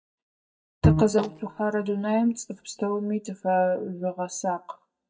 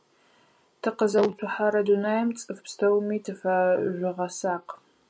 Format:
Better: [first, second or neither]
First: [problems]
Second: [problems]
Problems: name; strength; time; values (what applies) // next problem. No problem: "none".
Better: second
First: noise reduction (neural mask model DeepFilterNet 3)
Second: none